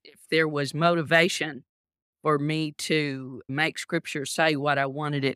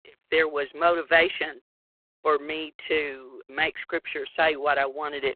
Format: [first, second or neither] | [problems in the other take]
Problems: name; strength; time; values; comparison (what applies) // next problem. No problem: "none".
first | phone-call audio; poor line